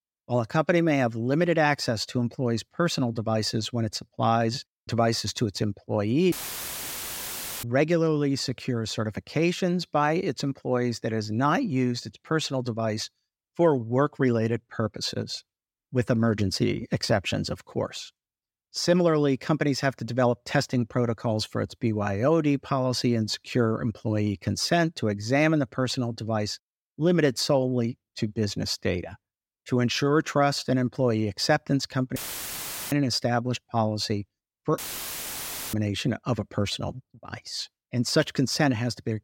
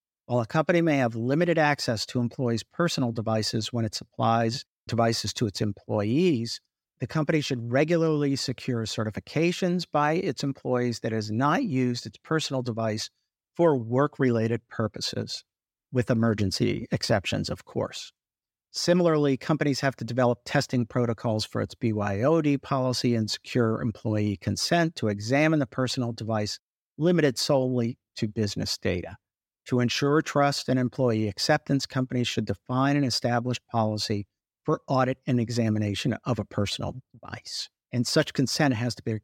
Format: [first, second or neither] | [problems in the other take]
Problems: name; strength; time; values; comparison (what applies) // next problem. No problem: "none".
second | audio cutting out; filled with static; at 6.5 s for 1.5 s, at 32 s for 1 s and at 35 s for 1 s